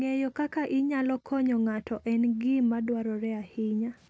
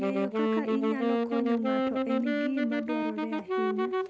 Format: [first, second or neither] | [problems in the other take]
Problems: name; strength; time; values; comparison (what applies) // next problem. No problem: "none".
first | background sound (Wind instrument, woodwind instrument); 4 dB above the speech